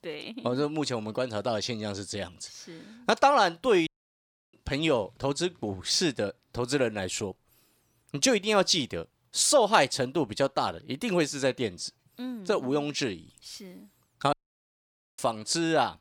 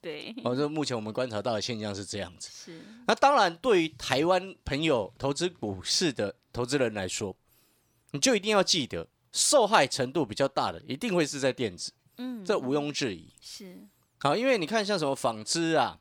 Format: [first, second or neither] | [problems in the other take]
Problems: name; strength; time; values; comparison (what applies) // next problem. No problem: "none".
second | audio cutting out; at 4 s for 0.5 s and at 14 s for 1 s